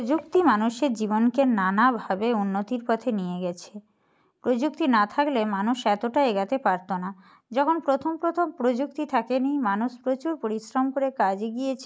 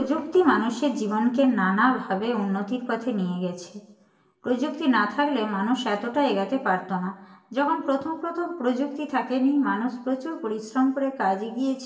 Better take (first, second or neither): first